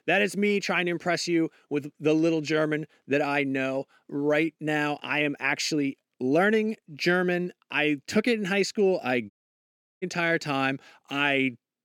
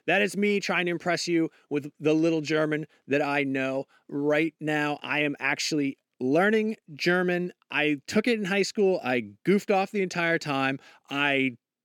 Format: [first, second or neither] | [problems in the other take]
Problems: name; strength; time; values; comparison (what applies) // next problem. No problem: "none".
second | audio cutting out; at 9.5 s for 0.5 s